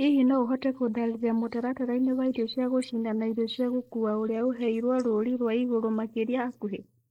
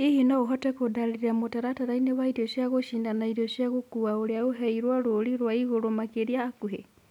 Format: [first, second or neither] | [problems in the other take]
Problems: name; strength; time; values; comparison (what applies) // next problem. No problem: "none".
second | noise reduction (neural mask model Resemble Enhance denoiser)